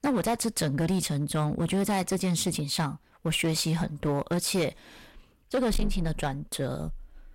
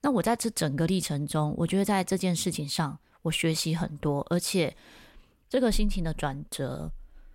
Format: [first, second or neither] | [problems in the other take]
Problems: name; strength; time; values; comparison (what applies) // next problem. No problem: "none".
second | distortion; slight; 10% of the sound clipped